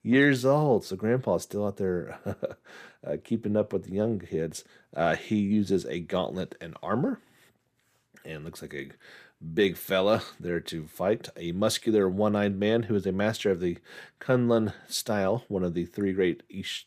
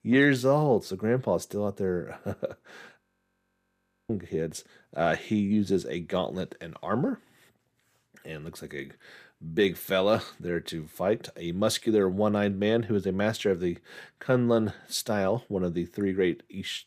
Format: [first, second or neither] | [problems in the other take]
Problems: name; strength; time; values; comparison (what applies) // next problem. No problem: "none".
first | audio freezing; at 3 s for 1 s